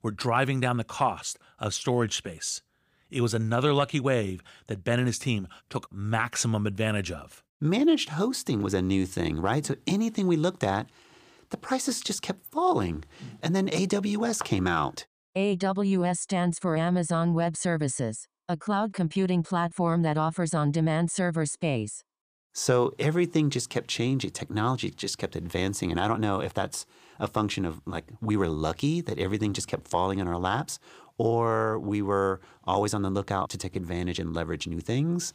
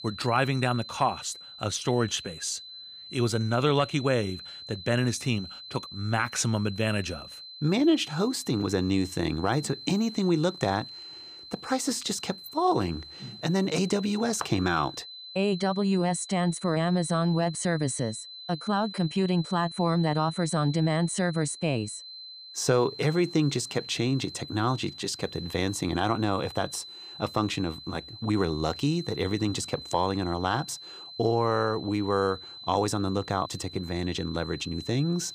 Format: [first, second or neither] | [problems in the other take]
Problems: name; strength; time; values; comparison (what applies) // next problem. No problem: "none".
first | high-pitched whine; noticeable; throughout; 4 kHz, 15 dB below the speech